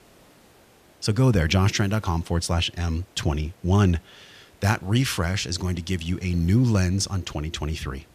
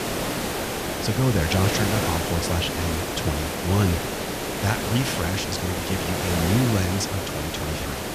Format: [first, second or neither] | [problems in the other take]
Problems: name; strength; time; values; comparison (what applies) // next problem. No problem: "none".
first | hiss; loud; throughout; 1 dB below the speech; faint in the first